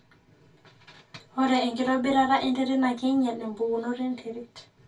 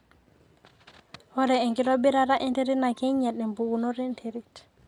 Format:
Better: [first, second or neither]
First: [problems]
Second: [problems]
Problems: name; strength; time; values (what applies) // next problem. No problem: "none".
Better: second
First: room echo; dies away in 0.2 s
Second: none